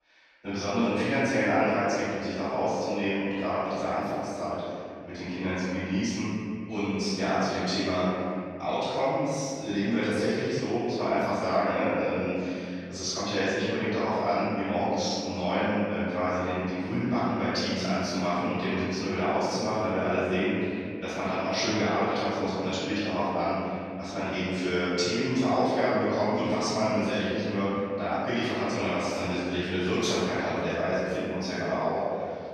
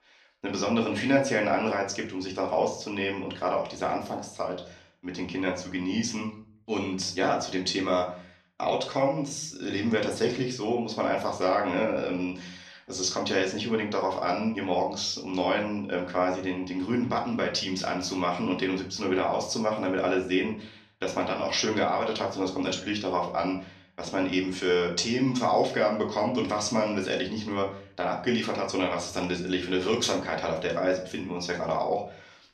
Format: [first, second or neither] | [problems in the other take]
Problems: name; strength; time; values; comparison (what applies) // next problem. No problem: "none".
second | room echo; strong; dies away in 2.4 s; slight in the second // off-mic speech; far; far in the second